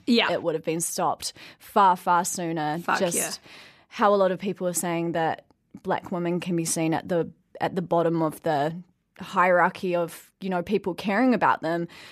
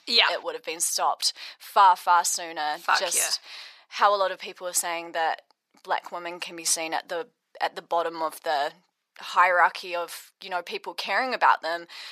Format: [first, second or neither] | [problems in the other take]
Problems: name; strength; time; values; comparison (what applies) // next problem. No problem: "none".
first | thin; very; fading below 900 Hz